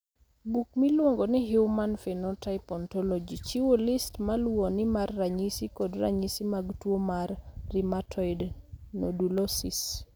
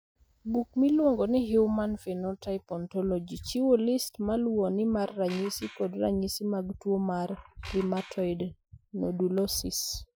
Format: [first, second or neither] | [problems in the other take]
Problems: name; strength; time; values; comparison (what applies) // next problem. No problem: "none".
first | noise reduction (classical method Wiener filter)